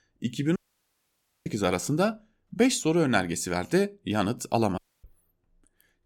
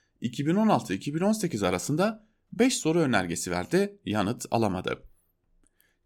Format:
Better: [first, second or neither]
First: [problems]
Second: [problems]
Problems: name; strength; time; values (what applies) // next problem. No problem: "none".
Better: second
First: audio cutting out; at 0.5 s for 1 s and at 5 s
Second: none